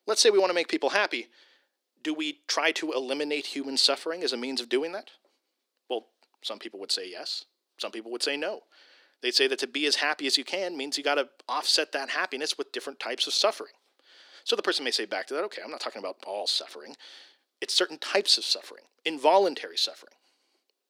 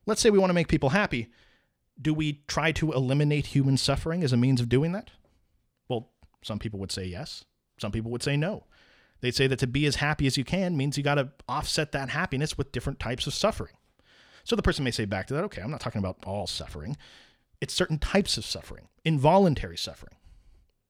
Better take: second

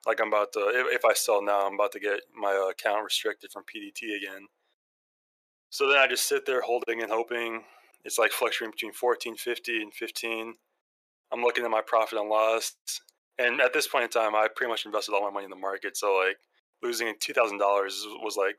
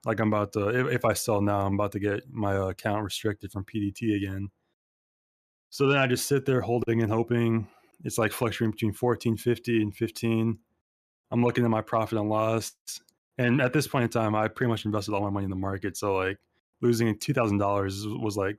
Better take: second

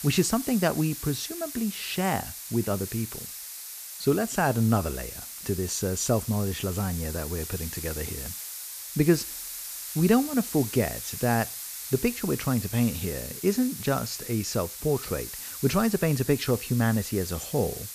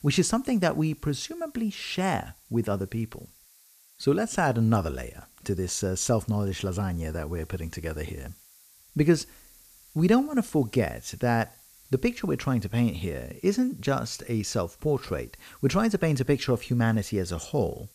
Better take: second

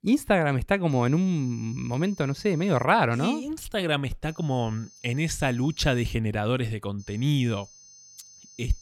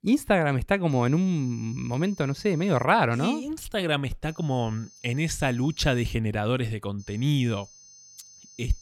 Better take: neither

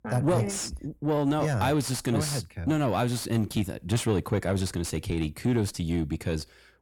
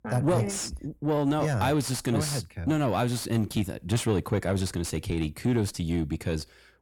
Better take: neither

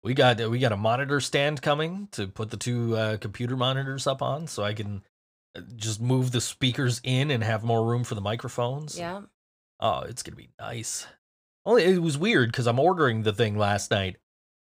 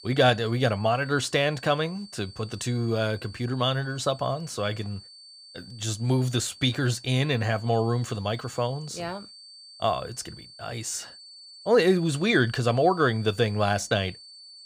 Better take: first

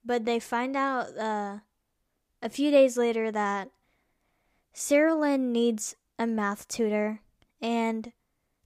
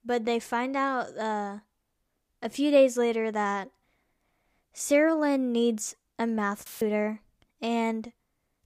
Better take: first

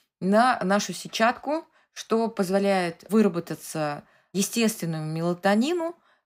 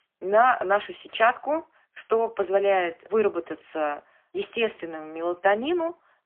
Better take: first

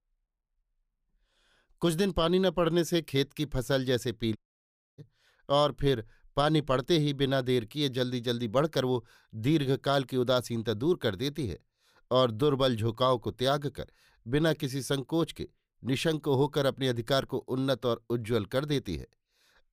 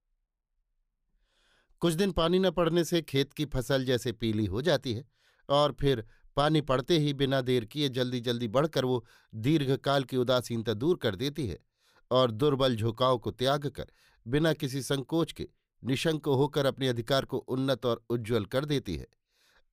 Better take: second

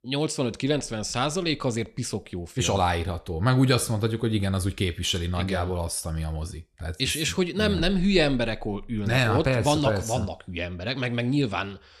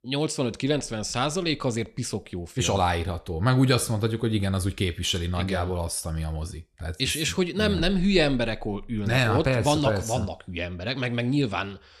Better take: neither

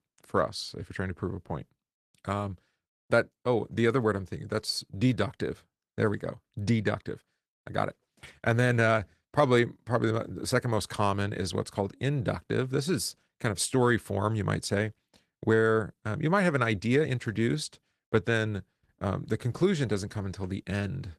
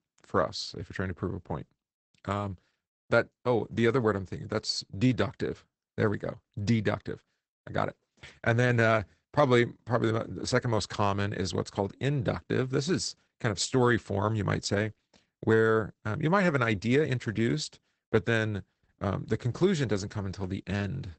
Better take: first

